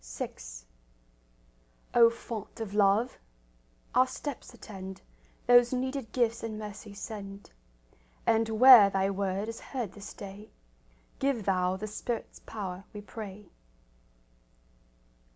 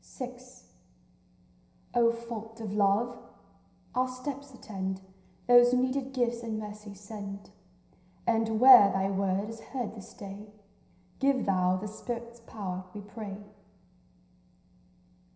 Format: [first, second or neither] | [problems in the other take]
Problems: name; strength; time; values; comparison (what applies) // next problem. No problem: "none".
first | room echo; dies away in 0.9 s